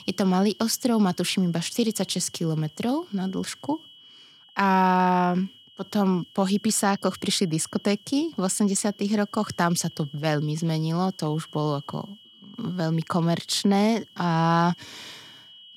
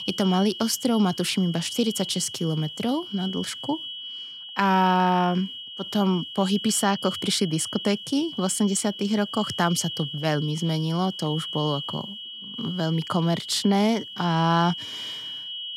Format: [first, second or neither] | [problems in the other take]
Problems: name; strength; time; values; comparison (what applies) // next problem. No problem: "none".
first | high-pitched whine; loud; throughout; 3 kHz, 9 dB below the speech; faint in the first